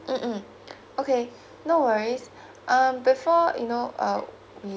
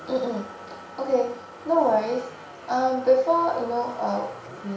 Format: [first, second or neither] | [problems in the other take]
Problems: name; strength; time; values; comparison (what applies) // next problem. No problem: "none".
first | background sound (Motor vehicle (road)); 17 dB below the speech // room echo; dies away in 0.6 s